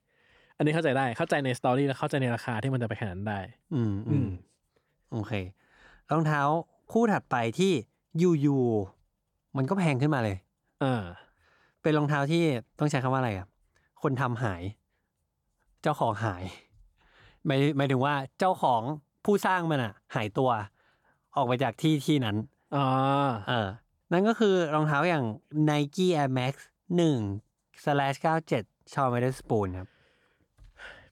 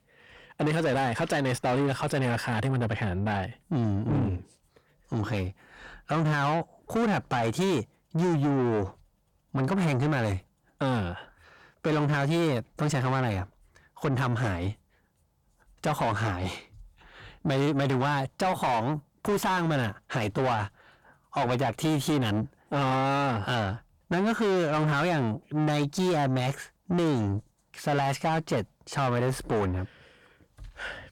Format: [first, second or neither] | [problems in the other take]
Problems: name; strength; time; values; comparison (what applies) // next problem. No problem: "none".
first | distortion; heavy; 7 dB below the speech